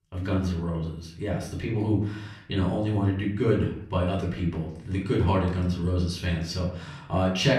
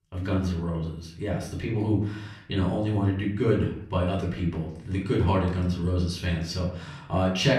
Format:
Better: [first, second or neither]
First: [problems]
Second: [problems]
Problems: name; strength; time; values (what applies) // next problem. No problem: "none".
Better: neither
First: off-mic speech; far // room echo; slight; dies away in 0.5 s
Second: off-mic speech; far // room echo; slight; dies away in 0.5 s